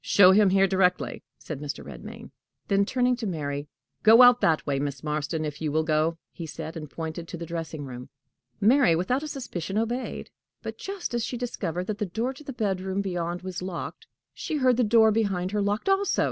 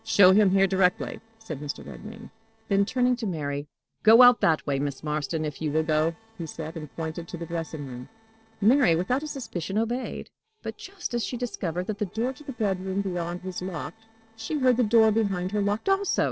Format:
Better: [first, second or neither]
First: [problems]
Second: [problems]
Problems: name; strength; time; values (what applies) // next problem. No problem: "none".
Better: first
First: none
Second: noise reduction (neural separator model SepFormer DNS4)